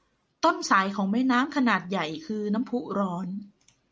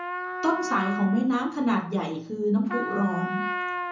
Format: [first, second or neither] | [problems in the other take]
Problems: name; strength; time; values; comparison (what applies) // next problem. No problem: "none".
first | background sound (Trumpet); 6 dB below the speech // room echo; dies away in 0.6 s